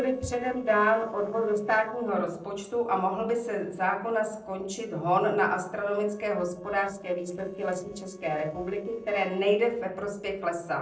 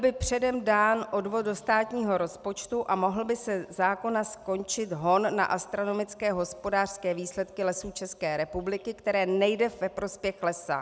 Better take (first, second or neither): second